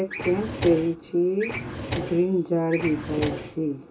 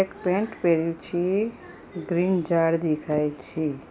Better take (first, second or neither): second